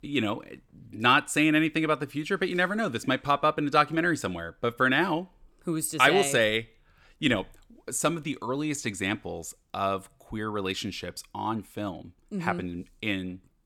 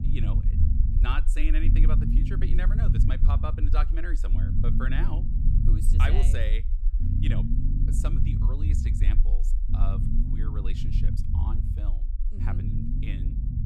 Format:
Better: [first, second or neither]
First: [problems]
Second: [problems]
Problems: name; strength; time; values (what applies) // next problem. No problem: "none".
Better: first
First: none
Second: low rumble; loud; throughout; 3 dB below the speech